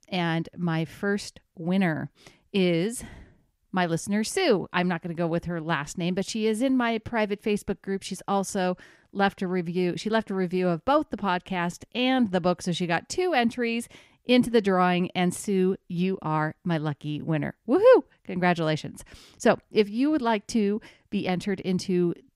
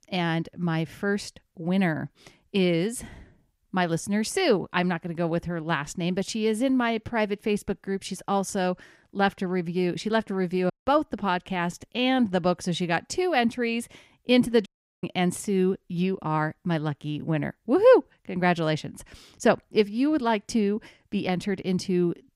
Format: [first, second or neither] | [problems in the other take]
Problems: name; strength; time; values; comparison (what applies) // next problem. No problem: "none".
first | audio cutting out; at 11 s and at 15 s